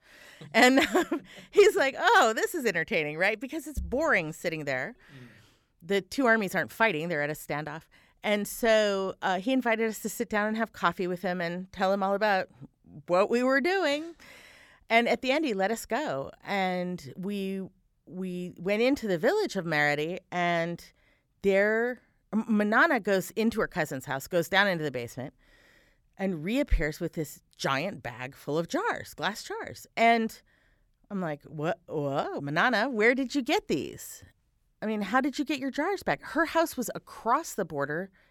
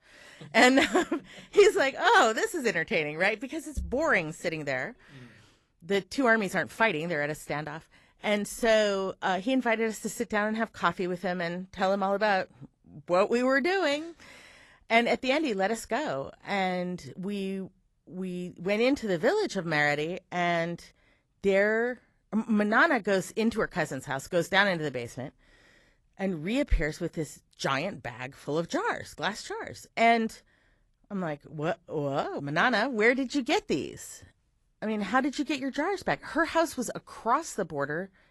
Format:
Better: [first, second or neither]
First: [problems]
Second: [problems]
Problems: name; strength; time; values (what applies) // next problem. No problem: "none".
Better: first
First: none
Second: garbled, watery; slightly; nothing above 12 kHz